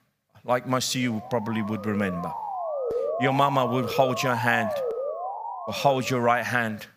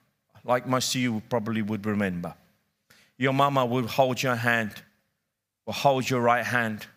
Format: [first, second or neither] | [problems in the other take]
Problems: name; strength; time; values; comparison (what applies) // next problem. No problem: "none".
second | siren; noticeable; from 1 s on; peak 2 dB below the speech